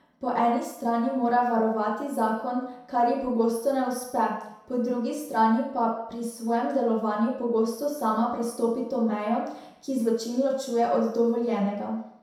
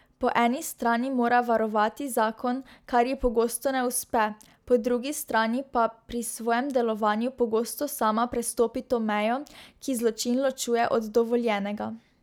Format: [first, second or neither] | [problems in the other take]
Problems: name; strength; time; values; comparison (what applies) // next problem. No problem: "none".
second | room echo; dies away in 0.7 s